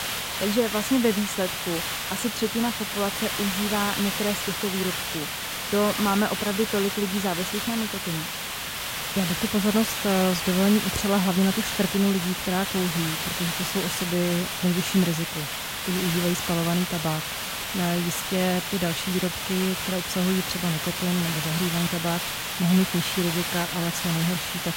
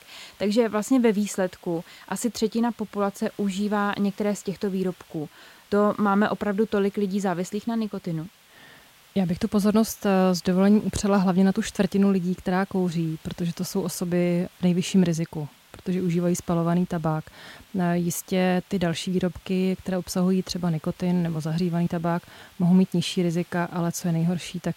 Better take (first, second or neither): second